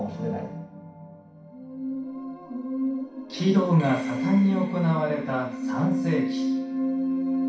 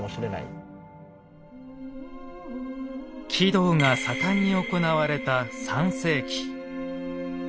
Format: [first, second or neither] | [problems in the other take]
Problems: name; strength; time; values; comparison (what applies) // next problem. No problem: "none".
second | room echo; dies away in 0.6 s